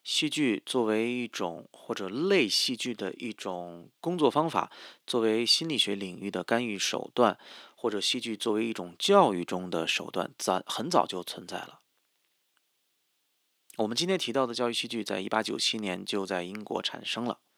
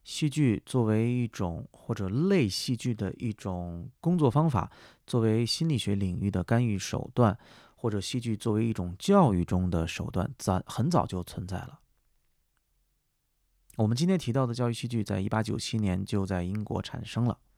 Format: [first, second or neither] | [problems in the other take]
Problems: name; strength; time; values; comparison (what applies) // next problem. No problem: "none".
second | thin; somewhat; fading below 300 Hz